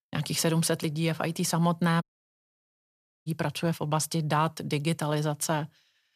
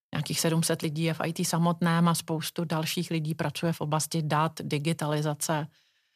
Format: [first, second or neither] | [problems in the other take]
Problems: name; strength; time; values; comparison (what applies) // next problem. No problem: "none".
second | audio cutting out; at 2 s for 1 s